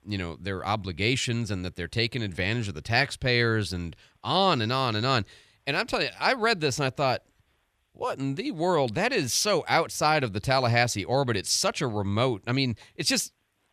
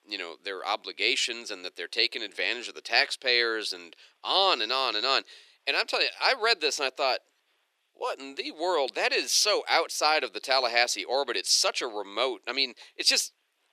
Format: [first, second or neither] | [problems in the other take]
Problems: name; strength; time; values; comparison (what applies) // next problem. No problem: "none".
first | thin; very; fading below 350 Hz